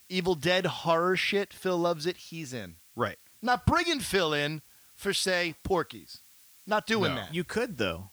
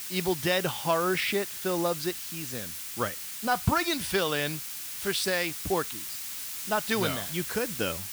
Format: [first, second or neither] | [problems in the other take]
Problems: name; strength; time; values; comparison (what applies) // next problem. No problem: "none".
first | hiss; loud; throughout; 5 dB below the speech; faint in the first